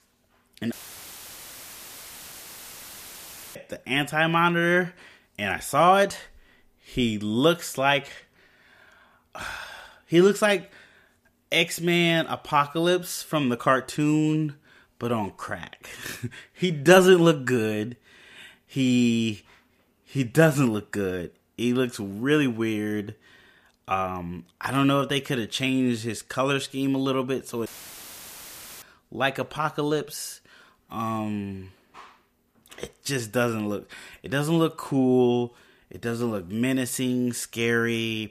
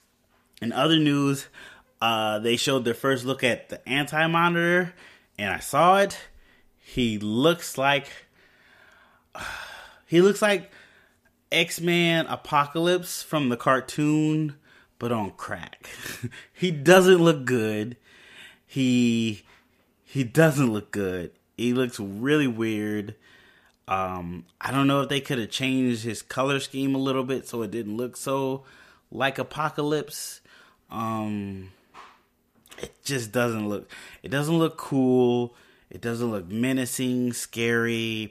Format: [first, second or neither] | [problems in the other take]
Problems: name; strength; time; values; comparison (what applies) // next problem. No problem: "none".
second | audio cutting out; filled with static; at 0.5 s for 3 s and at 28 s for 1 s